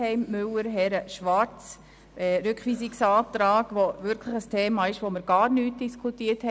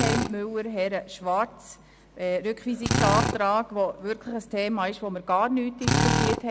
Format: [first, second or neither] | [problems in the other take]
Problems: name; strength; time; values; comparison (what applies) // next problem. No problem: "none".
first | background sound (Drill); 2 dB below the speech